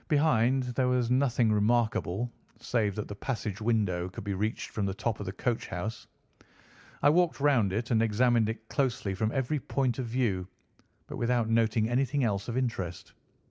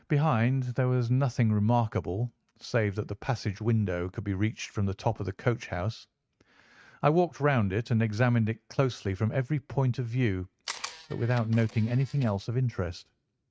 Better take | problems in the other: first | noise reduction (neural mask model RNNoise)

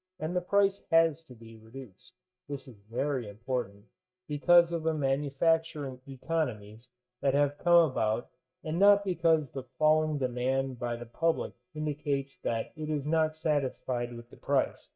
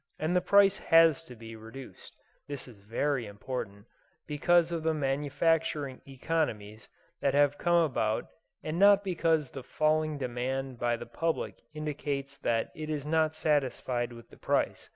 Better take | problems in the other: second | noise reduction (neural mask model DeepFilterNet 3)

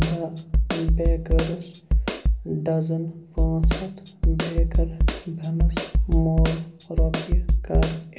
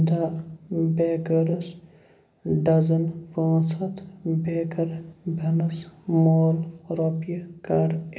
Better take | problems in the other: second | background sound (Snare drum); 5 dB above the speech

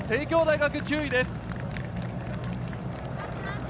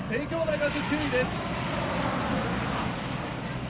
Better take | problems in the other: first | background sound (Aircraft); 2 dB below the speech // room echo; dies away in 0.2 s

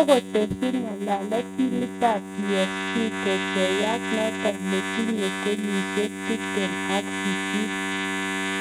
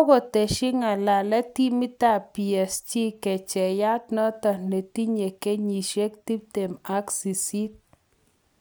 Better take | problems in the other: second | noise reduction (neural mask model RNNoise)

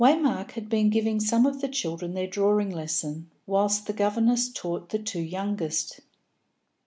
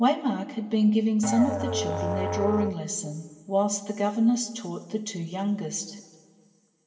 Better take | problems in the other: first | background sound (Musical instrument); 4 dB below the speech // room echo; dies away in 1.8 s

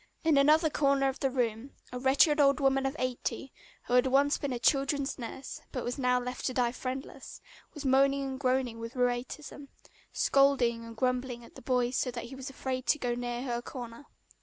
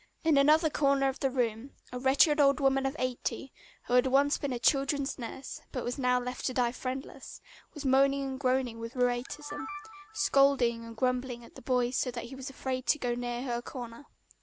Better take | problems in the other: first | background sound (Camera); 15 dB below the speech

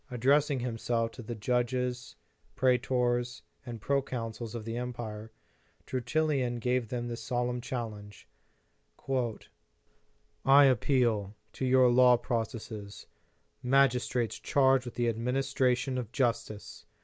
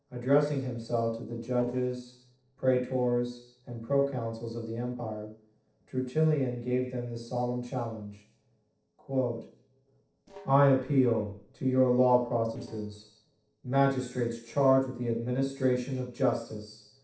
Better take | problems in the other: first | noise reduction (neural separator model SepFormer DNS4)

